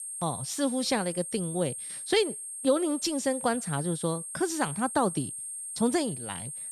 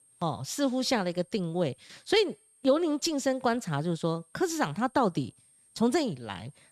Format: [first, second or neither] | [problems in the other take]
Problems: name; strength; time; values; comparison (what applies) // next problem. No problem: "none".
second | high-pitched whine; loud; throughout; 8.5 kHz, 6 dB below the speech; faint in the second